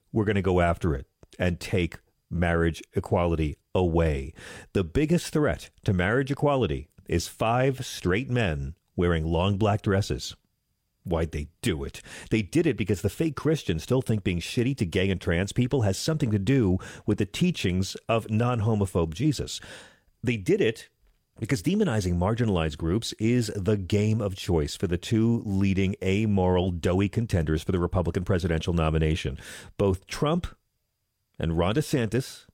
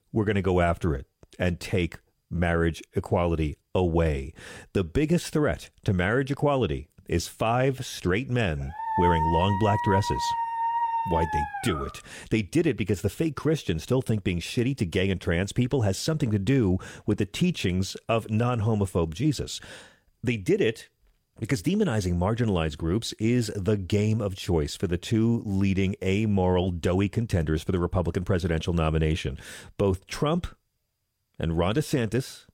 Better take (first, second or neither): first